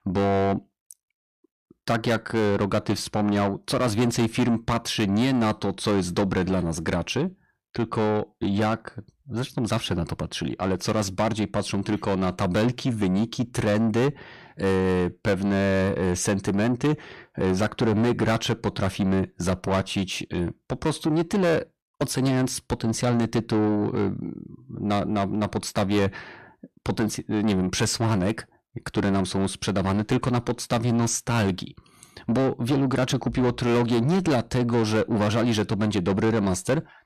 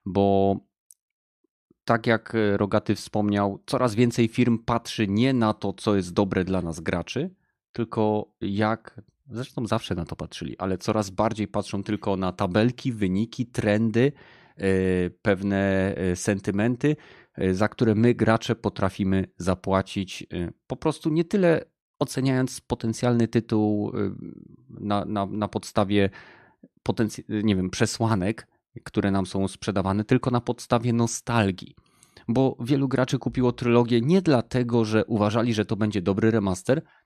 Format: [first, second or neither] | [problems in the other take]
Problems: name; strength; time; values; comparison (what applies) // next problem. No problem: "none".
second | distortion; heavy; 7 dB below the speech